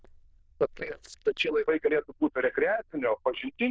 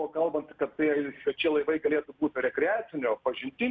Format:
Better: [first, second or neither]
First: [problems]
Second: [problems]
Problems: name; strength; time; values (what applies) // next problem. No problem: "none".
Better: second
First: noise reduction (neural diffusion model UNIVERSE++)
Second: none